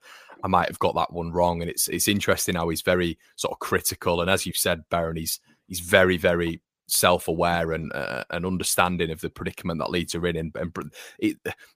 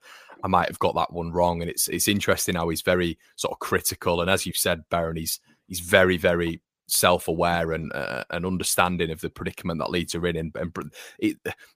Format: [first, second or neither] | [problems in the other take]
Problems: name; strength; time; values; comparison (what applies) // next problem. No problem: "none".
neither | none